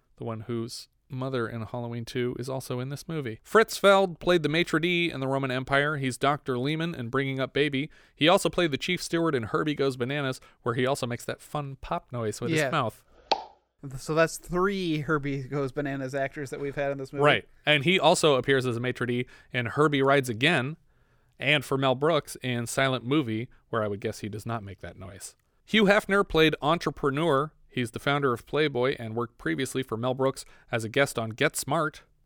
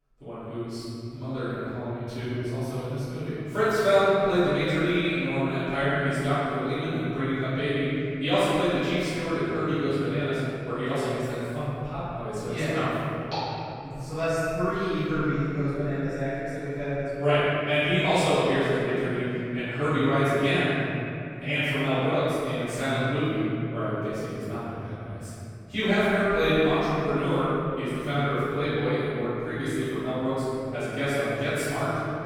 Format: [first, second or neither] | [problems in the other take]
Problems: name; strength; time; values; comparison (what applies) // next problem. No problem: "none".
first | room echo; strong; dies away in 3 s // off-mic speech; far